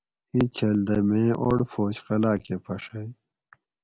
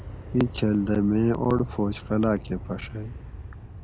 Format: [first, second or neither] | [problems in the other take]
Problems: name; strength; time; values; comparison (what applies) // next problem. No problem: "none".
first | background sound (Aircraft); 13 dB below the speech